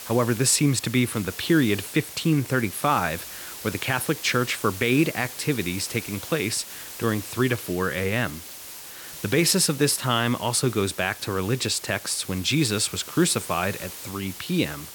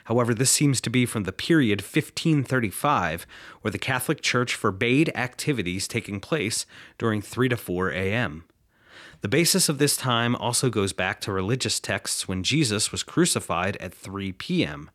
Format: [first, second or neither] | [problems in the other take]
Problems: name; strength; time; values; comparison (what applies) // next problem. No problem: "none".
second | hiss; noticeable; throughout; 10 dB below the speech